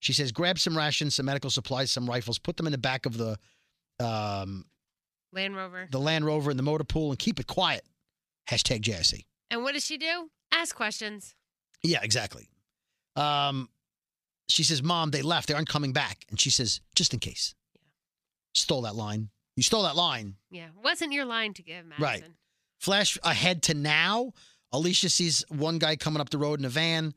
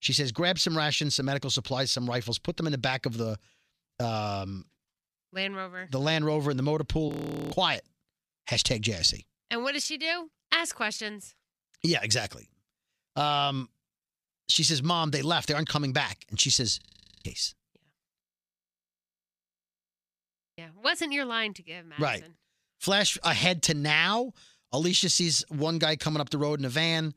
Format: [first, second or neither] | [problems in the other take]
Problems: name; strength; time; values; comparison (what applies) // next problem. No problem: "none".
first | audio freezing; at 7 s, at 17 s and at 18 s for 2.5 s